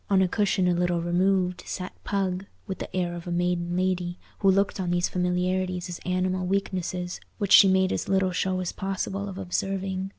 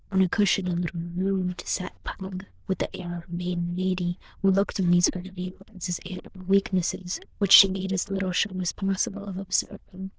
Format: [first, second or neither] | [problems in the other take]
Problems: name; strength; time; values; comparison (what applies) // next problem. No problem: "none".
first | noise reduction (neural diffusion model UNIVERSE++)